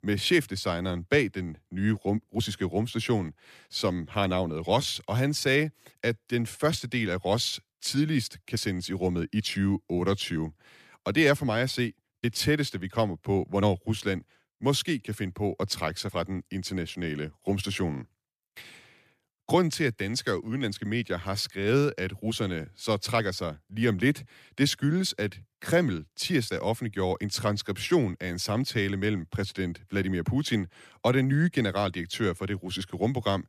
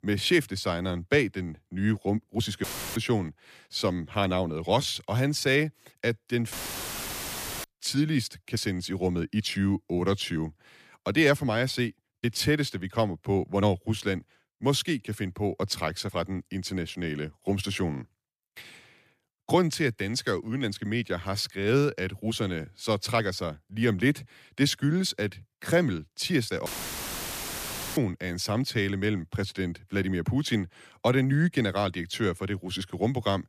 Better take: first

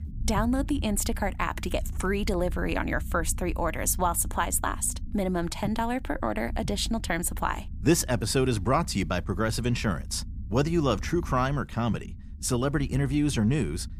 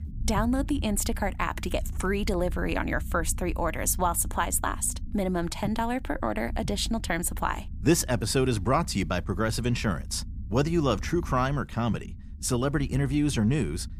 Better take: neither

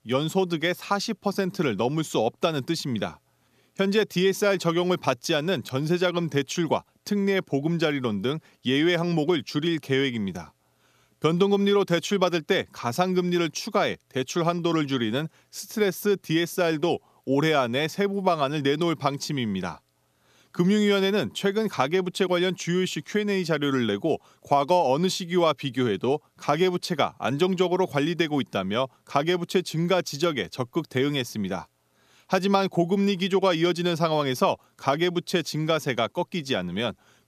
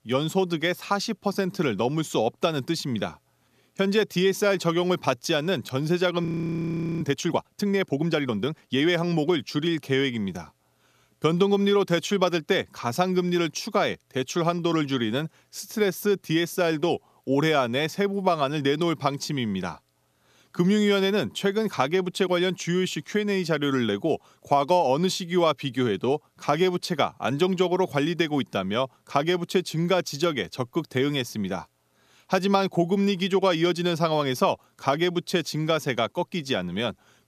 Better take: first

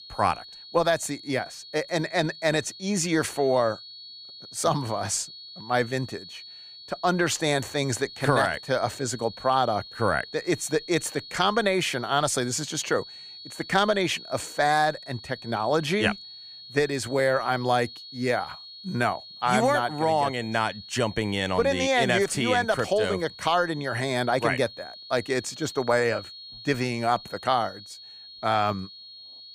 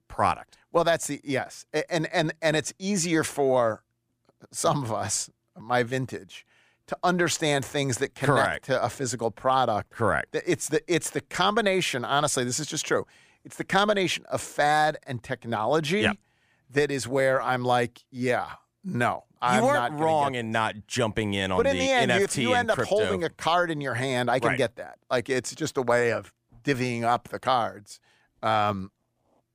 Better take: second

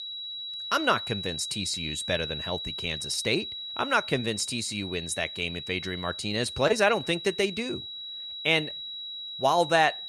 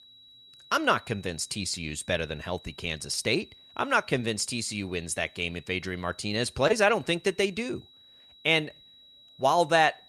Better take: second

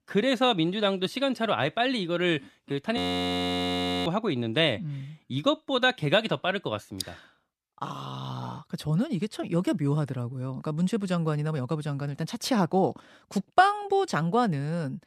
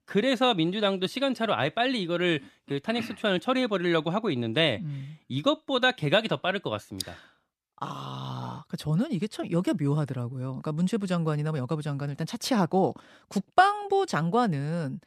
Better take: second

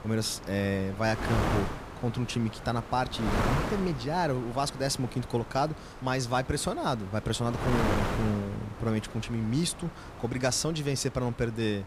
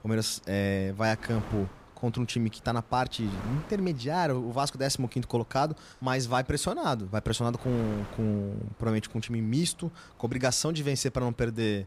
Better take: second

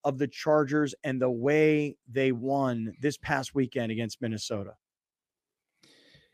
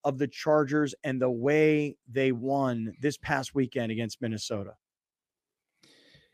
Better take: neither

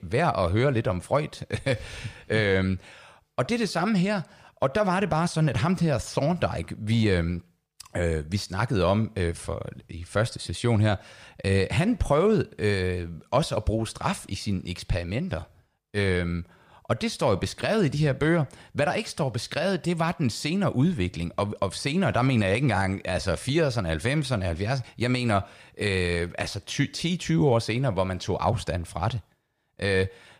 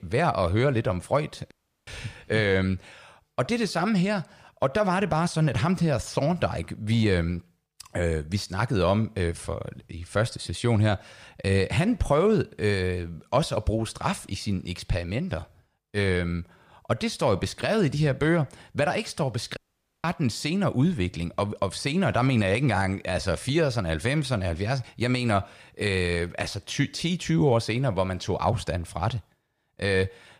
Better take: first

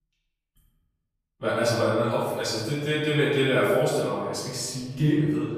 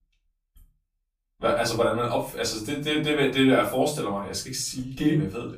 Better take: second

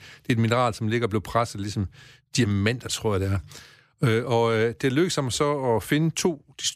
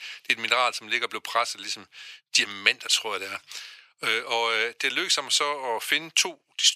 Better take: first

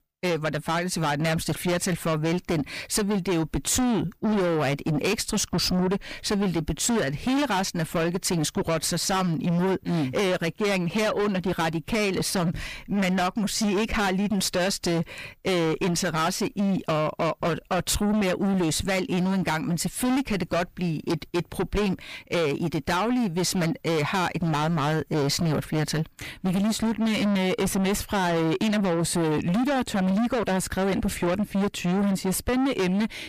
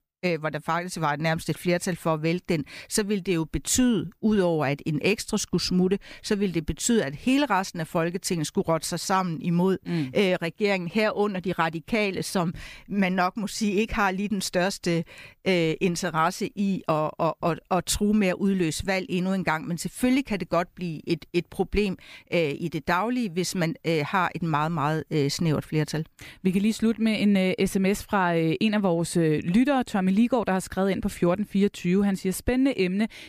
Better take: second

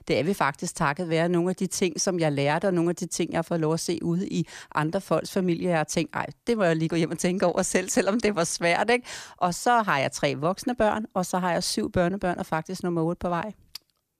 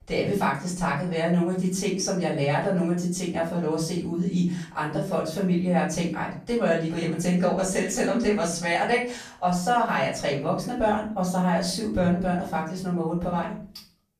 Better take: first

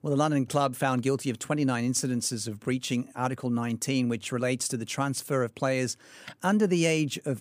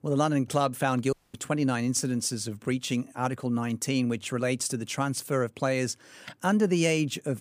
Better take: first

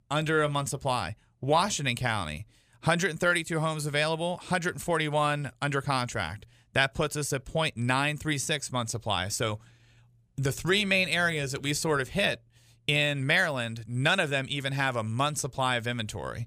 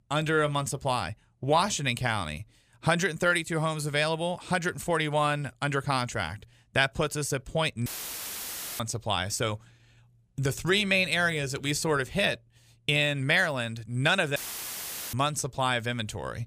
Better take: first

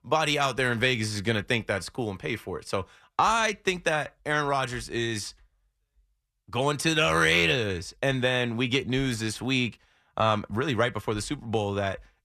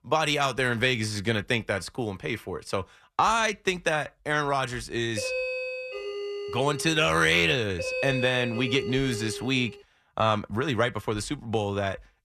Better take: first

